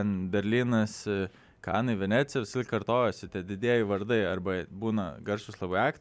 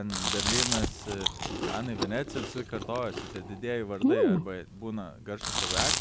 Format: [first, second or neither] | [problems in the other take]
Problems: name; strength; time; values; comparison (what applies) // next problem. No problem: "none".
first | background sound (Chewing, mastication); 4 dB above the speech